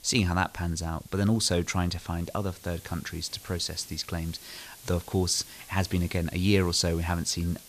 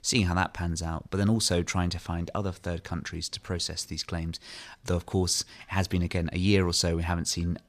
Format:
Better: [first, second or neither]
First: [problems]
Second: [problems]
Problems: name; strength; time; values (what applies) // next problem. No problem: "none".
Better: second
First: hiss; noticeable; throughout; 20 dB below the speech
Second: none